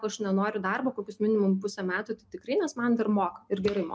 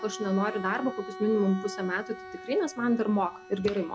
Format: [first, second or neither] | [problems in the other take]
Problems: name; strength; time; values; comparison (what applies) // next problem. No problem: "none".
first | background sound (Bowed string instrument); 13 dB below the speech